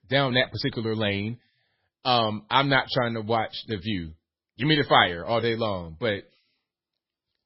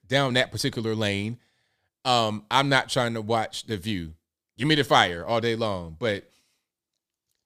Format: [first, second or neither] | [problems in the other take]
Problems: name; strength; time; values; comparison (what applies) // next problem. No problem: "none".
second | garbled, watery; badly; nothing above 5.5 kHz